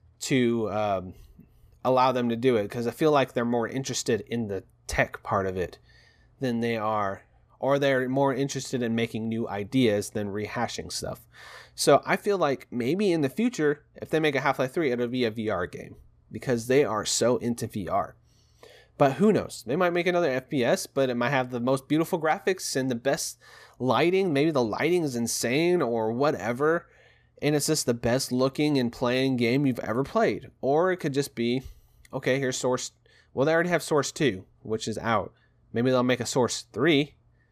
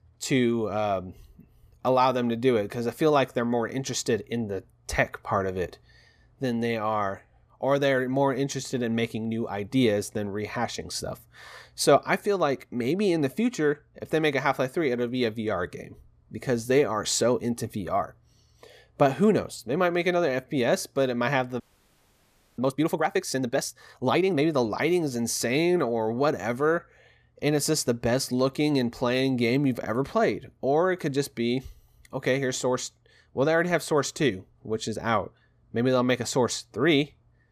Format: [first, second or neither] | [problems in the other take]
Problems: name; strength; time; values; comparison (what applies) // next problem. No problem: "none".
first | audio freezing; at 22 s for 1 s